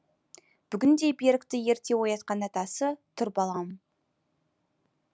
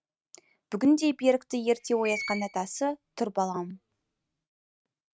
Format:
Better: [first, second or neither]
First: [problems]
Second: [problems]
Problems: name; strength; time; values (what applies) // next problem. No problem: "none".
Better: first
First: none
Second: noise reduction (neural mask model RNNoise)